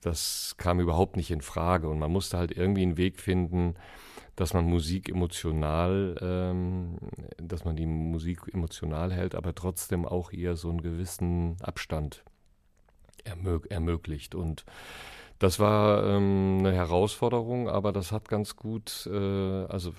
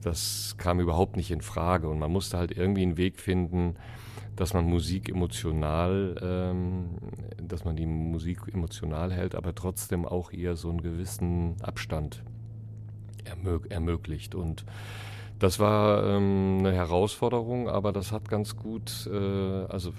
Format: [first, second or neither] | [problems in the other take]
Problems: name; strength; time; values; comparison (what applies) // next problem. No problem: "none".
first | low rumble; faint; throughout; 25 dB below the speech